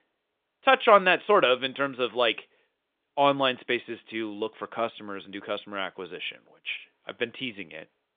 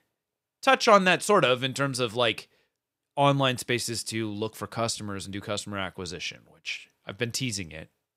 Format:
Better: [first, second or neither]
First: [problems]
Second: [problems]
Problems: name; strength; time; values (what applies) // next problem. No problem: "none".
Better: second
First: phone-call audio; nothing above 3.5 kHz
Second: none